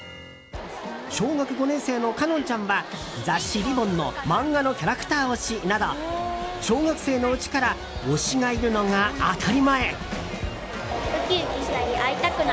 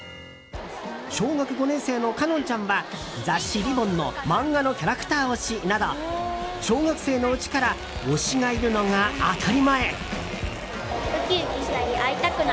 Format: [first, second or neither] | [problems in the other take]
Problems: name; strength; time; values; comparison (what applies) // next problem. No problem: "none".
first | background sound (Fart); 16 dB below the speech